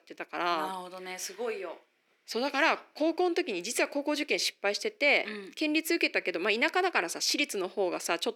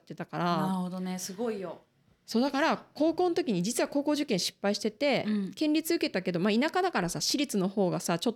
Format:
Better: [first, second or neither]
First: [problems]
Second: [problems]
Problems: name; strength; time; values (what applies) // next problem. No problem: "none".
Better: second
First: thin; somewhat; fading below 350 Hz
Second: none